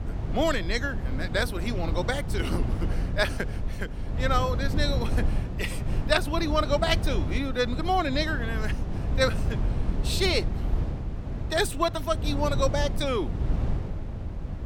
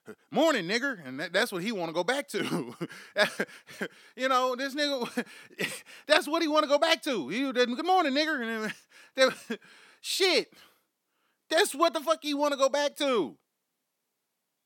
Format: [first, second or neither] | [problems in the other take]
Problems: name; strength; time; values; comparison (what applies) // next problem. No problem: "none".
second | wind noise on the microphone; occasional gusts; 15 dB below the speech